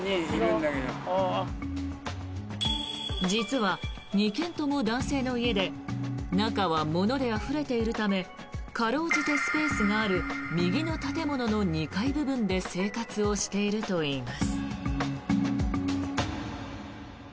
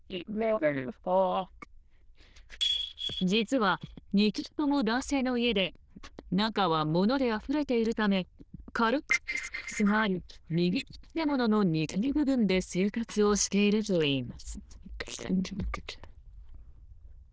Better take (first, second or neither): first